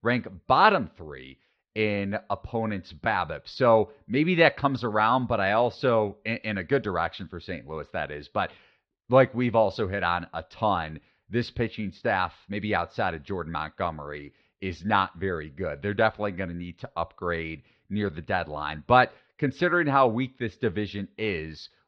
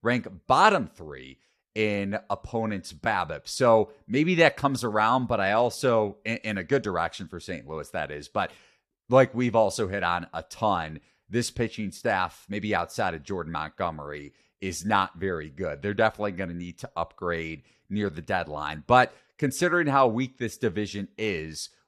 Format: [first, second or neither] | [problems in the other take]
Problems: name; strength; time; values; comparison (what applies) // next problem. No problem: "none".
second | muffled; very slightly; fading above 4 kHz